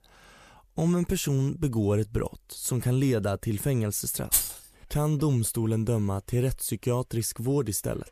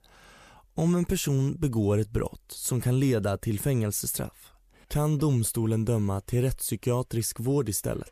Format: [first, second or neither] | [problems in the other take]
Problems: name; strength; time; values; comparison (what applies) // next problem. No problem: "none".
second | jangling keys; loud; at 4.5 s; peak 3 dB above the speech